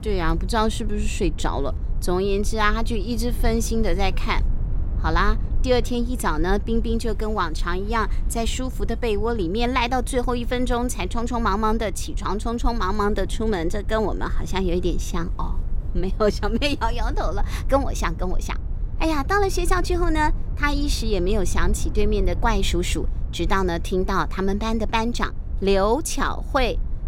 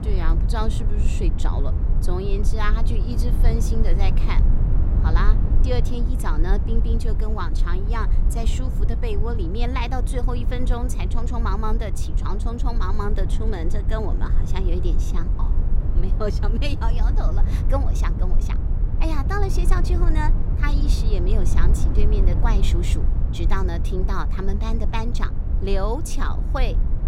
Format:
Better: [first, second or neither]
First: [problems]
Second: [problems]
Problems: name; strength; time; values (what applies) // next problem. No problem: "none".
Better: first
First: low rumble; faint; throughout; 20 dB below the speech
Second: low rumble; loud; throughout; 7 dB below the speech